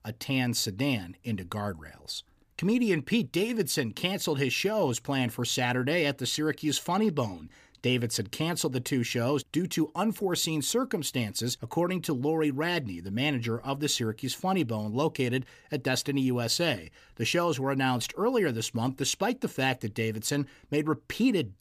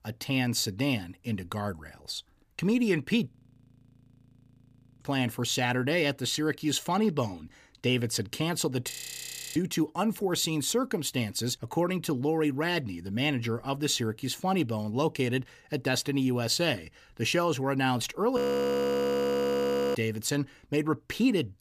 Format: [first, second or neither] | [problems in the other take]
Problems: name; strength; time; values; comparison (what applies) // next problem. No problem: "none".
first | audio freezing; at 3.5 s for 1.5 s, at 9 s for 0.5 s and at 18 s for 1.5 s